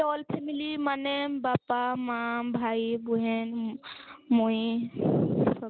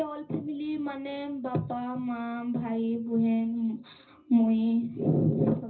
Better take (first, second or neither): first